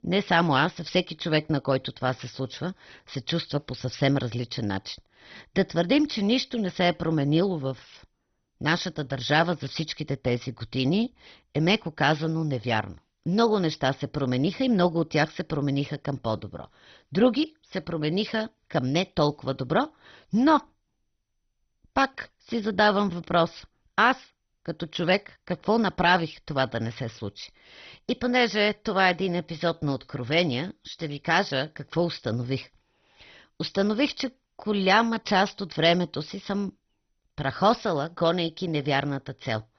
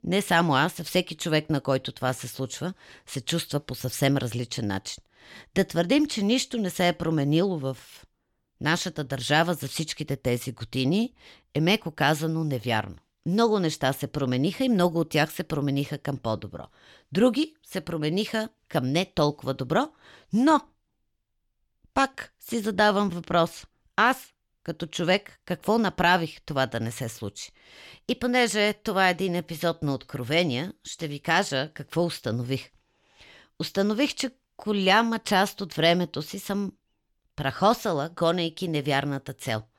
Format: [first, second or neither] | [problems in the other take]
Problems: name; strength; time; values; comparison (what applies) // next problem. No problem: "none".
second | garbled, watery; badly; nothing above 6 kHz